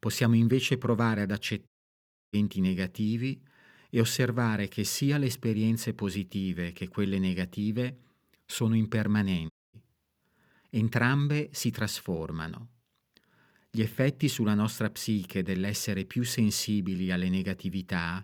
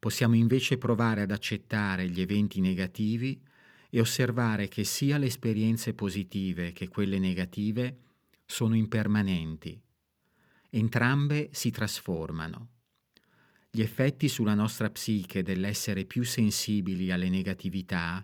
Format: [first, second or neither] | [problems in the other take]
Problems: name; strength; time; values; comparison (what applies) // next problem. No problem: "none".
second | audio cutting out; at 1.5 s for 0.5 s and at 9.5 s